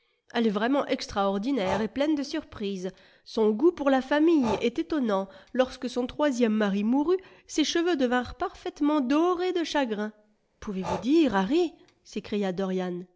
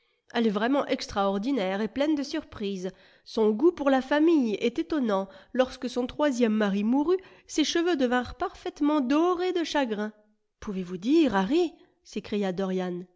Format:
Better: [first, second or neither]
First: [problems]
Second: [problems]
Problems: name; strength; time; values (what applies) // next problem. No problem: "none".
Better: second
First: background sound (Breathing); 16 dB below the speech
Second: none